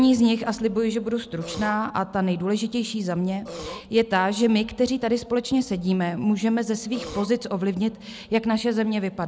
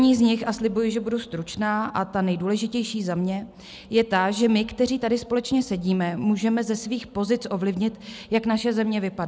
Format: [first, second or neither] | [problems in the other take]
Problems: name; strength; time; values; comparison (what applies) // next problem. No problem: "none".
second | background sound (Burping, eructation); 13 dB below the speech